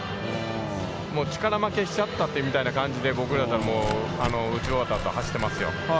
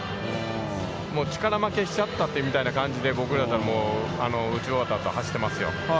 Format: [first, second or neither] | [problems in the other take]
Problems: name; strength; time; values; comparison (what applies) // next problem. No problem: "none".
second | background sound (Tearing); 11 dB below the speech